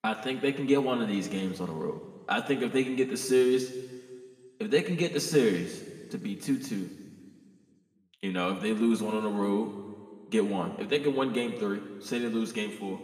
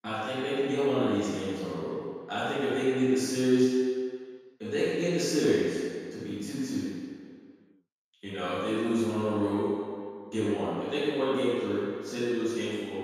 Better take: first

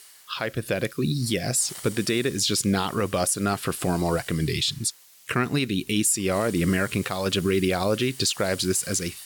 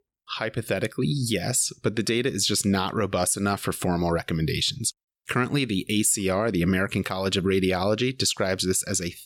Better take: second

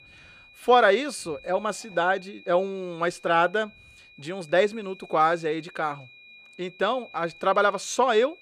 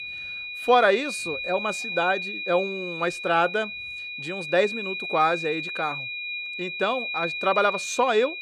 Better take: first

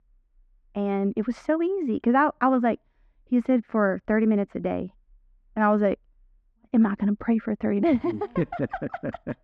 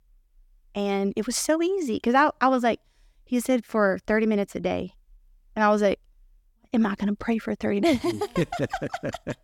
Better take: second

